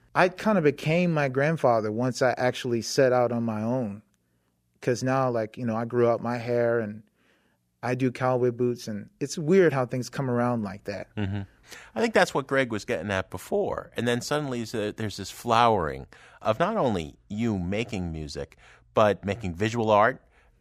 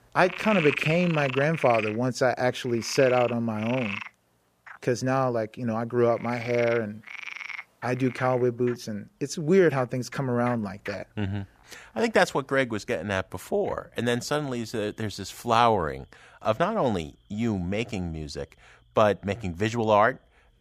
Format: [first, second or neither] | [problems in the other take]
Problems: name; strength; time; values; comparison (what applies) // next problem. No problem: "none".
first | animal sounds; loud; throughout; 9 dB below the speech